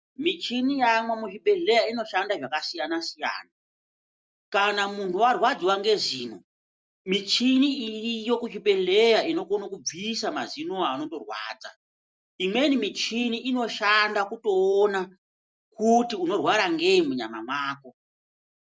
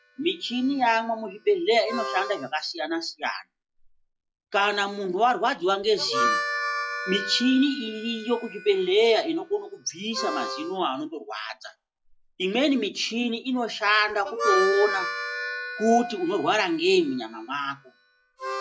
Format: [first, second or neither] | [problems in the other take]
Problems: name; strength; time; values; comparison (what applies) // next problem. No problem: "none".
first | noise reduction (classical method log-MMSE)